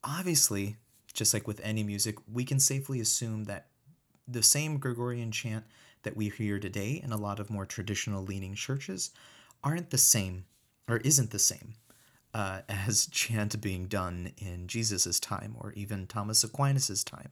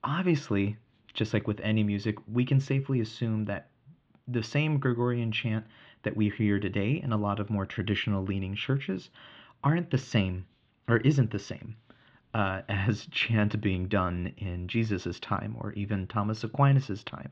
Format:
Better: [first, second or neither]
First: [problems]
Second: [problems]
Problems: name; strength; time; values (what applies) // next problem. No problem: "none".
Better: first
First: none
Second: muffled; very; fading above 3.5 kHz